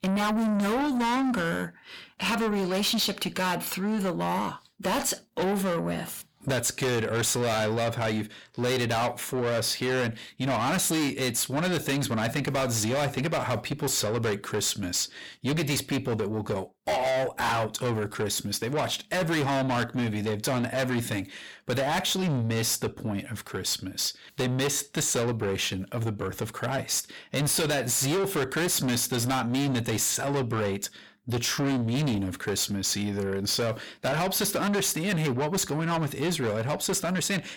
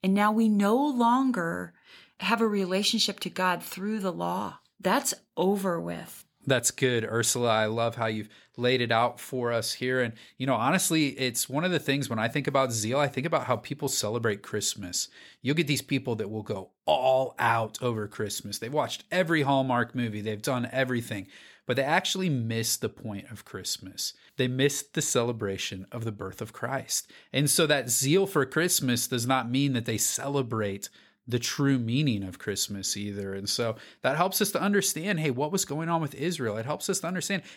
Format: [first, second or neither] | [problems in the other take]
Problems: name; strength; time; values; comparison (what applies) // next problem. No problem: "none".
second | distortion; heavy; 6 dB below the speech